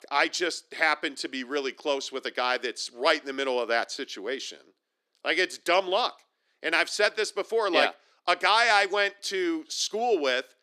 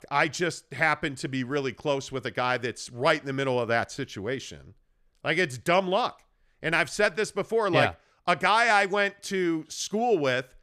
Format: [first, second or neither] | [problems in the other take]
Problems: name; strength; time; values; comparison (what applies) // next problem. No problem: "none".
second | thin; somewhat; fading below 300 Hz